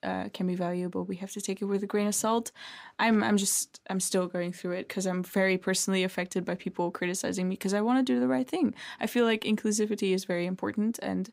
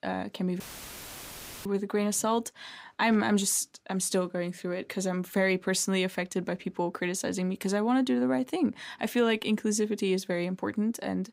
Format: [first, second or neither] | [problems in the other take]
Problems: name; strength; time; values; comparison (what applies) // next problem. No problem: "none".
first | audio cutting out; filled with static; at 0.5 s for 1 s